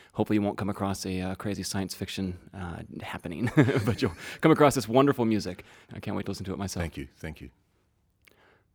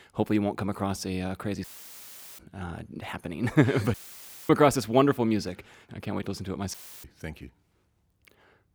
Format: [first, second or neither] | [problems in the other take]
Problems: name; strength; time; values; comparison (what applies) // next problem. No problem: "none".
first | audio cutting out; filled with static; at 1.5 s for 1 s, at 4 s for 0.5 s and at 6.5 s